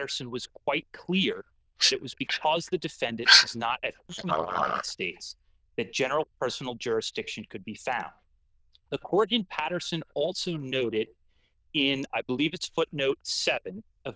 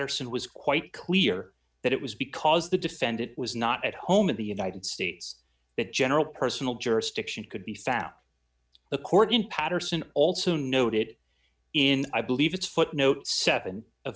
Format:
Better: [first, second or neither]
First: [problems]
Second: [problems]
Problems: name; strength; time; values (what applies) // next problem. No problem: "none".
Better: second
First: noise reduction (neural diffusion model UNIVERSE++)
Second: none